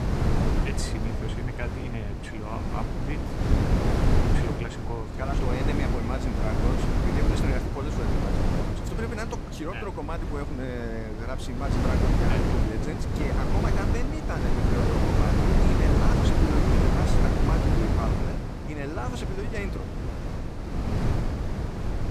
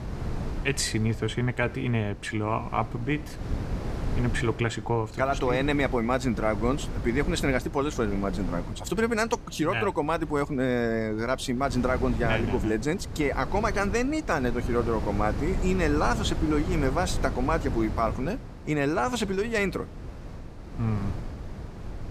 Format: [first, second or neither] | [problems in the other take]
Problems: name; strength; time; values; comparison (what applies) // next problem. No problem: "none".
second | wind noise on the microphone; heavy; 3 dB above the speech; occasional gusts in the second